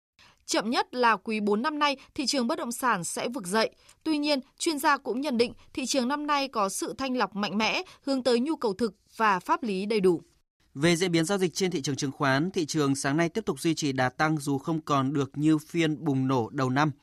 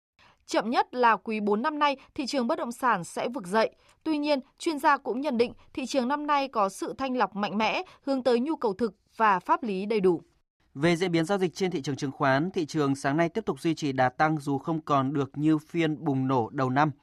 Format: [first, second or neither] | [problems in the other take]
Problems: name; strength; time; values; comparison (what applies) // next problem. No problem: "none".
first | muffled; slightly; fading above 4 kHz